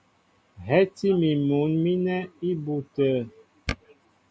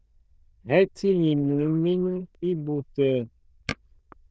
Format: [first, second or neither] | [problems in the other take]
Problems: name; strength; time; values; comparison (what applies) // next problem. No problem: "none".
first | noise reduction (neural diffusion model UNIVERSE++)